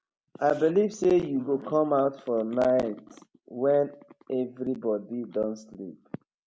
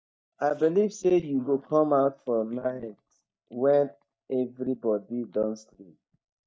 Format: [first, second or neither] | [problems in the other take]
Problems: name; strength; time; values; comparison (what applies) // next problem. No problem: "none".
first | noise reduction (neural mask model DeepFilterNet 3)